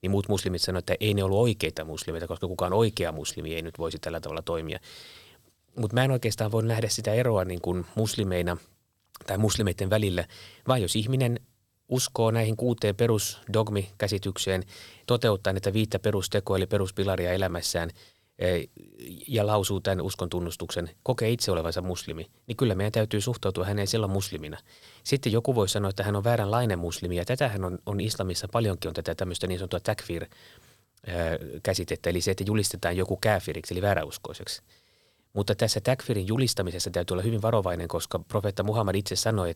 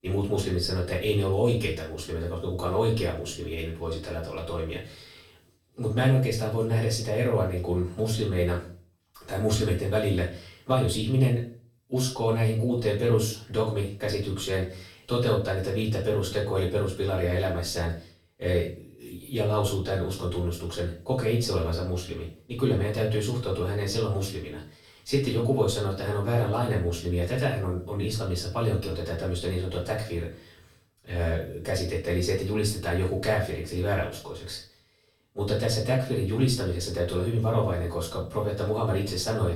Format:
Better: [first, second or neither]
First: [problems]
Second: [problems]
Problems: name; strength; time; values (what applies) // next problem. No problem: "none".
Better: first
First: none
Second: room echo; slight; dies away in 0.4 s // off-mic speech; far